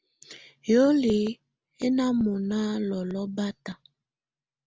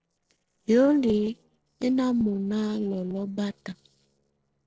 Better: first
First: none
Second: noise reduction (neural separator model SepFormer DNS4)

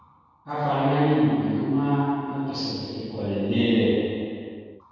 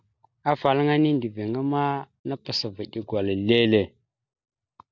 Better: second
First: room echo; dies away in 2.1 s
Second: none

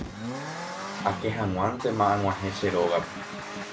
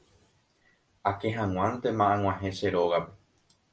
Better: second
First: background sound (Accelerating, revving, vroom); 8 dB below the speech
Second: none

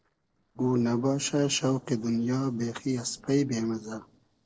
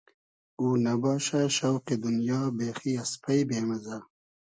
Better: second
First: noise reduction (neural separator model SepFormer DNS4)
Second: none

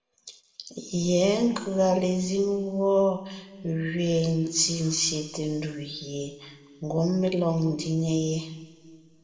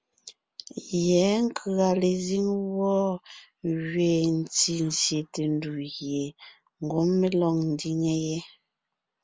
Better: second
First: room echo; dies away in 1.6 s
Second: none

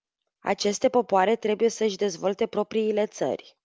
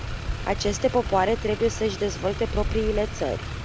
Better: first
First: none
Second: background sound (Motor vehicle (road)); 5 dB below the speech

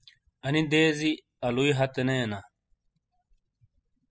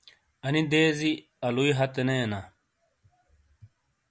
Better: second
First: noise reduction (classical method spectral subtraction)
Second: none

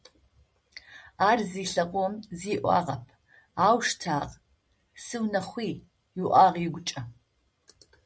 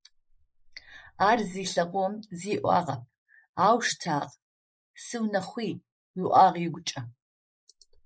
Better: first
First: none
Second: noise reduction (neural mask model Resemble Enhance denoiser)

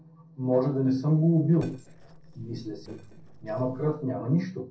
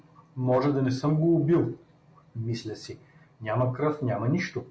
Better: second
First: noise reduction (neural separator model SepFormer DNS4)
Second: none

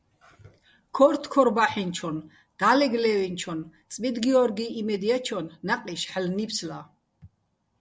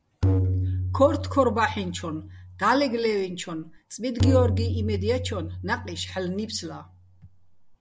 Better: first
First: none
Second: background sound (Tabla); 1 dB below the speech

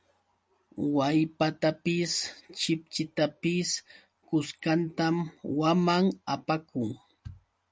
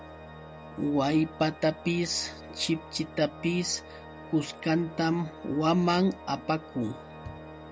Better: first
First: none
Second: background sound (Organ); 15 dB below the speech

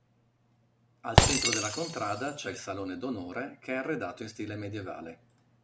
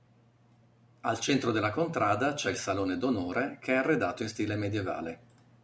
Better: second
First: background sound (Shatter); 3 dB above the speech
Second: none

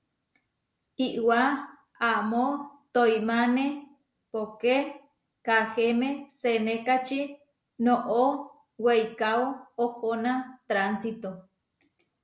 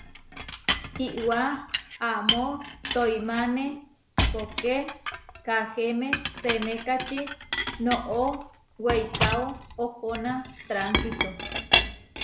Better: first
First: none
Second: background sound (Chink, clink); 2 dB below the speech

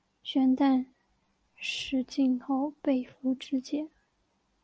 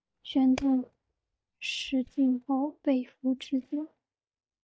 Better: first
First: none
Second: noise reduction (neural mask model DeepFilterNet 3)

